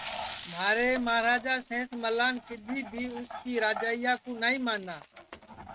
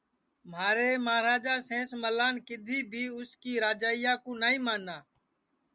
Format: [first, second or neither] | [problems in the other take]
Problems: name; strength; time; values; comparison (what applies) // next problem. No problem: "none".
second | noise reduction (neural mask model RNNoise)